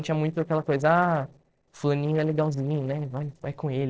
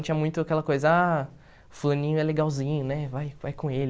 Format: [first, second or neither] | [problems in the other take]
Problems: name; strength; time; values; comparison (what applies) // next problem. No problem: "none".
second | noise reduction (neural separator model SepFormer DNS4)